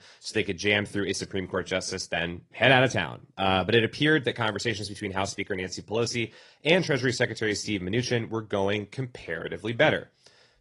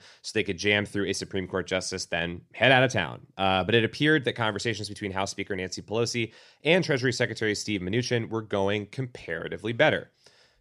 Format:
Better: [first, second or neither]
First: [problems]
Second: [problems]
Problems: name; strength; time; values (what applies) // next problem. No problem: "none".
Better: second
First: garbled, watery; slightly; nothing above 10 kHz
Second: none